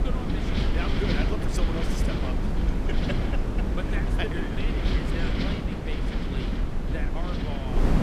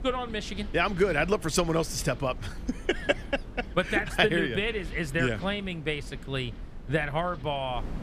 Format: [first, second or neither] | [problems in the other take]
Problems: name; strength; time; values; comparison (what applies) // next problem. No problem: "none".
second | wind noise on the microphone; heavy; 4 dB above the speech; occasional gusts in the second